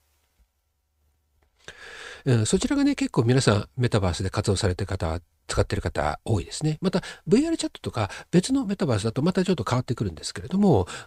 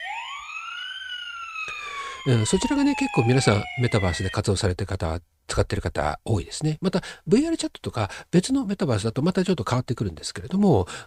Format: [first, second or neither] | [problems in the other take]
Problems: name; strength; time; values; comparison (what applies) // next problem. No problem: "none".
first | siren; noticeable; until 4.5 s; peak 5 dB below the speech